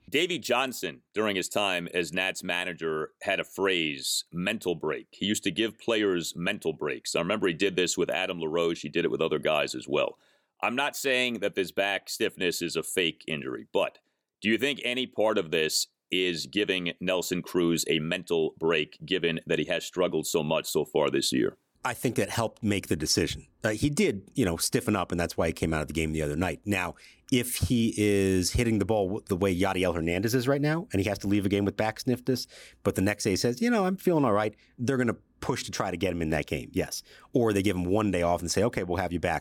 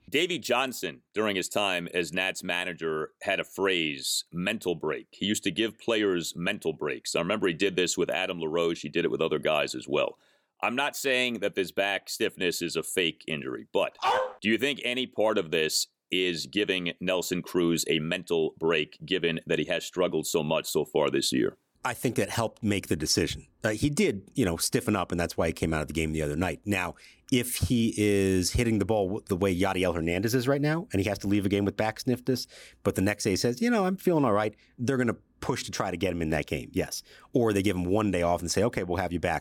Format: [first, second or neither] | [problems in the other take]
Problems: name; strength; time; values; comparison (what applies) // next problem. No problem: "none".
first | dog barking; loud; at 14 s; peak 1 dB above the speech